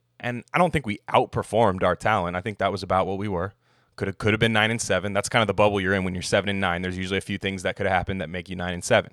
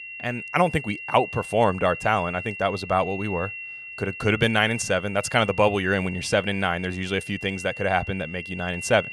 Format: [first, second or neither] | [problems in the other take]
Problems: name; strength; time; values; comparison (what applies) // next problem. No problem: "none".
first | high-pitched whine; noticeable; throughout; 2.5 kHz, 10 dB below the speech